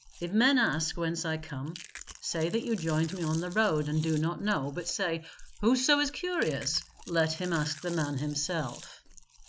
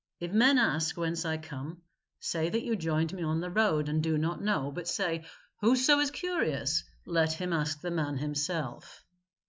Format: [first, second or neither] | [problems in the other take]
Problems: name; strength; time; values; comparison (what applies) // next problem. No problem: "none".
second | background sound (Chewing, mastication); 17 dB below the speech